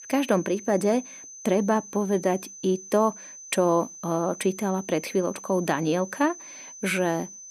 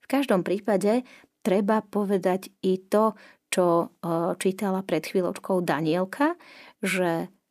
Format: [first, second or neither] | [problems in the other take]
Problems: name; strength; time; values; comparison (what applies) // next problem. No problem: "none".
second | high-pitched whine; noticeable; throughout; 6 kHz, 15 dB below the speech